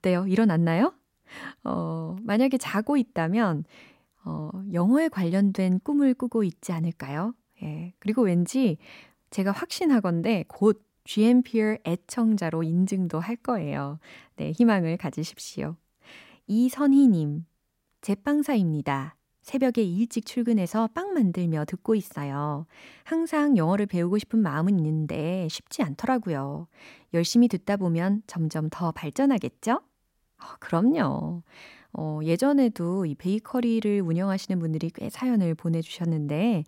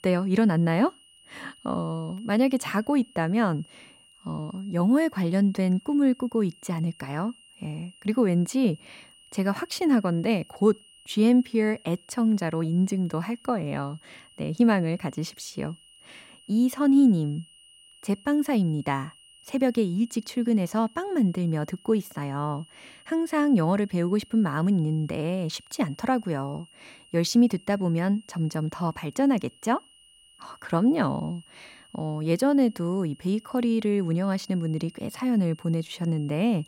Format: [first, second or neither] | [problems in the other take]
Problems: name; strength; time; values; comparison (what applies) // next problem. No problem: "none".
first | high-pitched whine; faint; throughout; 3 kHz, 25 dB below the speech